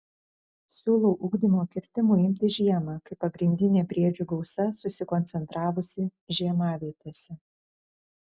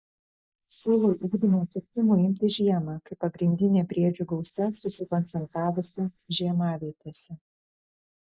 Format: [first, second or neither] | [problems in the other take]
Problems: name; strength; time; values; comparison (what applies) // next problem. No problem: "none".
first | noise reduction (neural mask model Resemble Enhance denoiser)